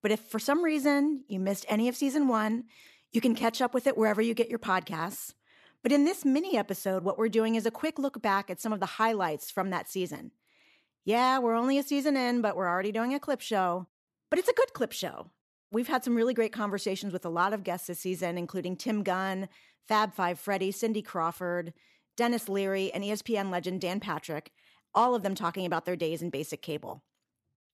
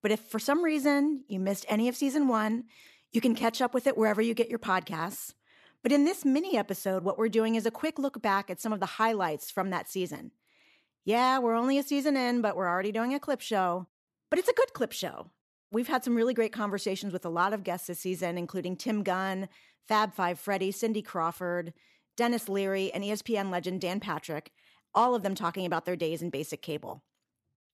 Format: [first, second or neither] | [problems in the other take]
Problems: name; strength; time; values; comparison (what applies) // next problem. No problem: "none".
neither | none